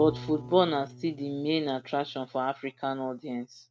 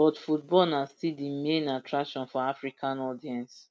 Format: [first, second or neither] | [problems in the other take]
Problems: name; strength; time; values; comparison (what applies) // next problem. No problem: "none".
second | background sound (Bowed string instrument); 16 dB below the speech